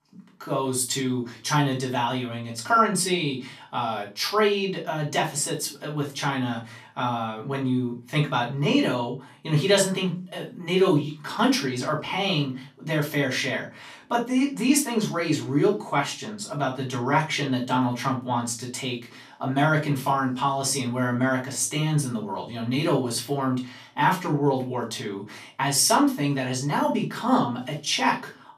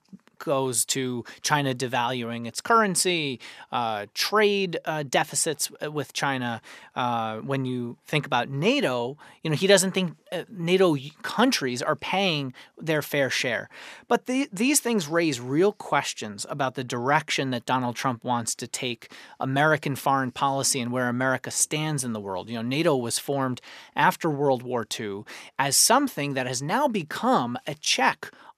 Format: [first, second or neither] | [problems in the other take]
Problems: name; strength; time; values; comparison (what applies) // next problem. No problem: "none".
second | room echo; slight; dies away in 0.3 s // off-mic speech; far